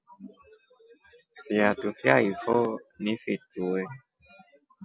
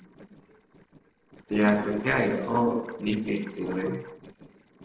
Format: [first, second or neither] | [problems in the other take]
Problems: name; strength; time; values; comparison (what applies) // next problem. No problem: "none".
first | noise reduction (neural separator model SepFormer DNS4)